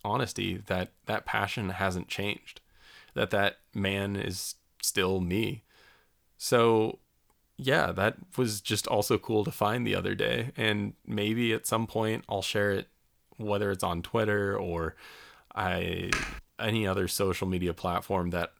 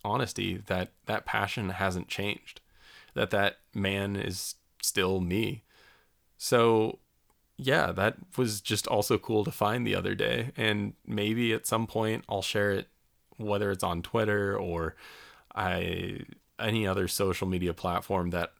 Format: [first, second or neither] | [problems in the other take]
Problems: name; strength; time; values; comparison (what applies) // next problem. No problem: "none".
second | keyboard typing; noticeable; at 16 s; peak 2 dB below the speech